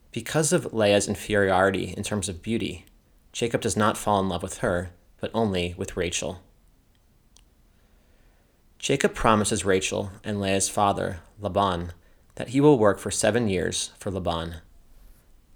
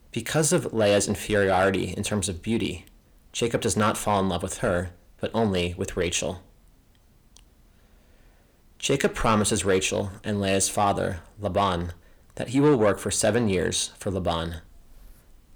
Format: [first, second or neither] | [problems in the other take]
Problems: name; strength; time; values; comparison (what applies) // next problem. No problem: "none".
first | distortion; slight; 10 dB below the speech